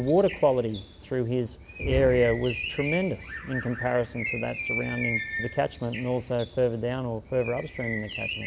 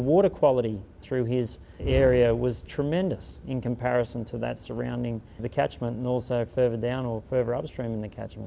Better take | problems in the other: second | background sound (Bird); 9 dB below the speech

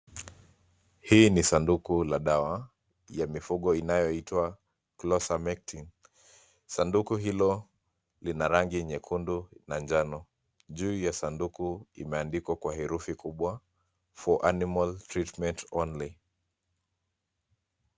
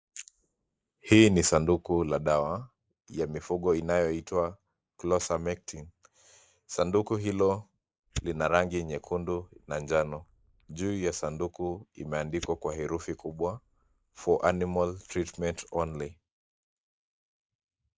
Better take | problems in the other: first | noise reduction (neural mask model Resemble Enhance denoiser)

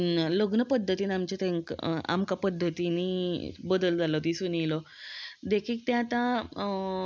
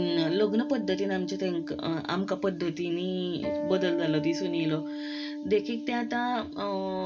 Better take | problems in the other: first | background sound (Acoustic guitar); 6 dB below the speech // room echo; dies away in 0.2 s

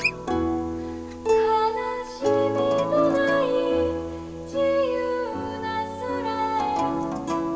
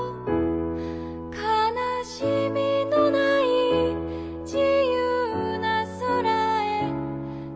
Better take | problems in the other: second | background sound (Acoustic guitar); 4 dB below the speech // room echo; dies away in 2 s

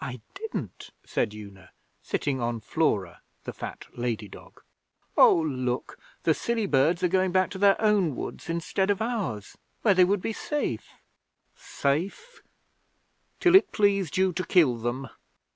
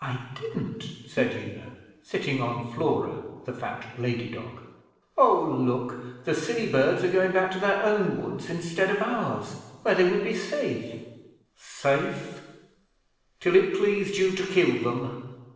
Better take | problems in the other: first | noise reduction (neural separator model SepFormer DNS4)

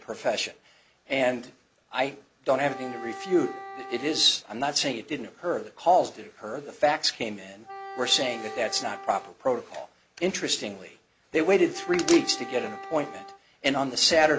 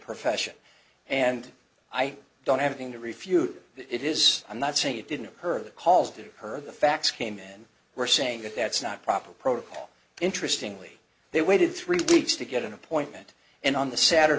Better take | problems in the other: second | background sound (Wind instrument, woodwind instrument); 14 dB below the speech

